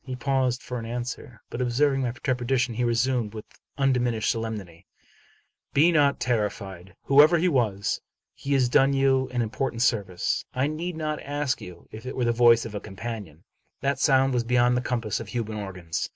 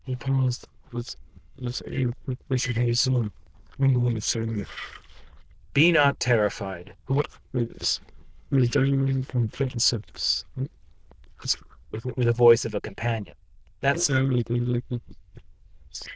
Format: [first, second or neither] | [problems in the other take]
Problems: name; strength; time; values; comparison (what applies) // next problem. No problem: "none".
first | noise reduction (neural diffusion model UNIVERSE++)